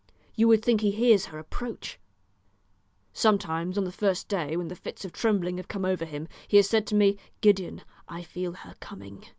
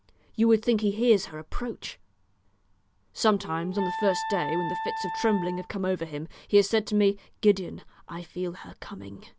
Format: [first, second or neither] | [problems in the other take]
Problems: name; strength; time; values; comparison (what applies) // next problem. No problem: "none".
first | background sound (Wind instrument, woodwind instrument); 7 dB below the speech